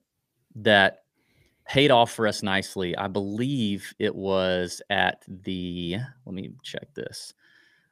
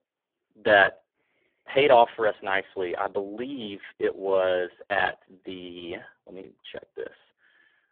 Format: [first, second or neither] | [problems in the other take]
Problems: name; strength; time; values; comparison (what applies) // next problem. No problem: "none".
first | phone-call audio; poor line